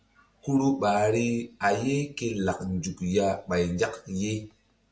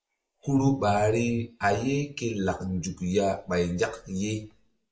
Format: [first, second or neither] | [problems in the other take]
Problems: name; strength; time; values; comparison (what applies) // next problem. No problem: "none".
first | noise reduction (neural mask model Resemble Enhance denoiser)